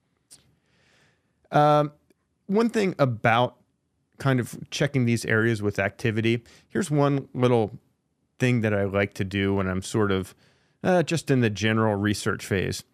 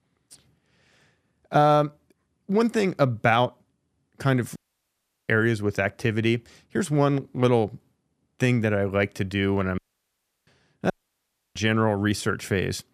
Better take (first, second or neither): first